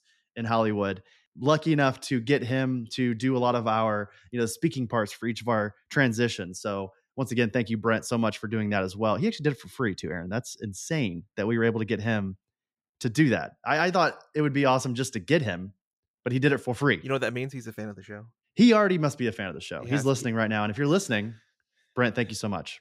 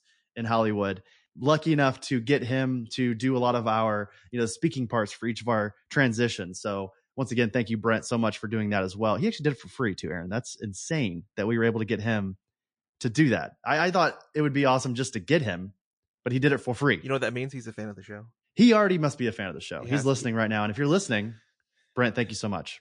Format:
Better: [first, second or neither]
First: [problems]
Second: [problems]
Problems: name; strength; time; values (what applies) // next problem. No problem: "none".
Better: first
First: none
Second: garbled, watery; slightly; nothing above 8 kHz